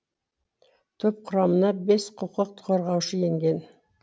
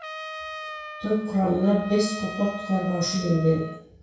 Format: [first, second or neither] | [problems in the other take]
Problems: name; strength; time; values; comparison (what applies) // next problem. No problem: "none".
first | background sound (Trumpet); 12 dB below the speech // room echo; dies away in 0.6 s